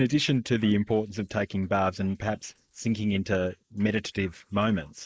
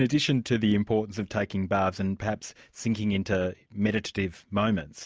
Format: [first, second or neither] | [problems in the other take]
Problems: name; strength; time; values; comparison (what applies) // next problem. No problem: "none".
second | noise reduction (neural mask model Resemble Enhance denoiser)